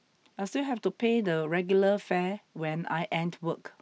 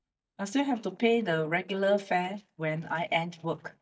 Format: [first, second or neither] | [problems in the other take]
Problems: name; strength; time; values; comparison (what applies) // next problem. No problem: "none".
first | noise reduction (neural mask model DeepFilterNet 3)